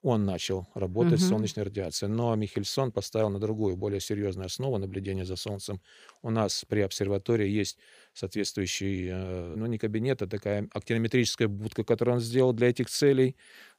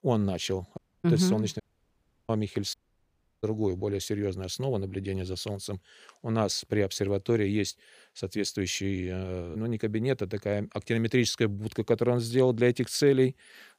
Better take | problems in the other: first | audio cutting out; at 1 s, at 1.5 s for 0.5 s and at 2.5 s for 0.5 s

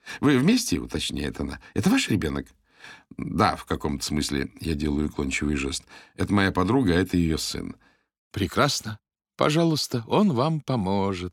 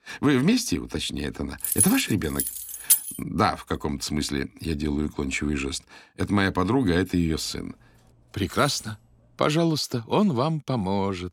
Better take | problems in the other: first | jangling keys; loud; from 1.5 to 3 s; peak 5 dB above the speech // clattering dishes; faint; from 7.5 to 9.5 s; peak 15 dB below the speech

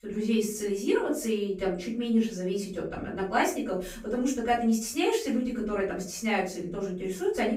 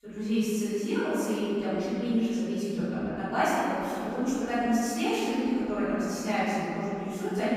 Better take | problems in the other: first | room echo; strong; dies away in 3 s; slight in the first // off-mic speech; far; far in the first

